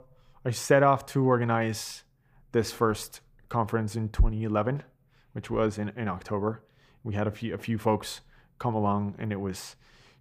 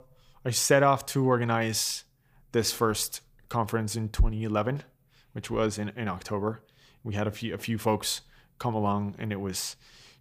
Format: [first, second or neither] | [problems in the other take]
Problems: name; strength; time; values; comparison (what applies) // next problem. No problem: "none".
second | muffled; slightly; fading above 2.5 kHz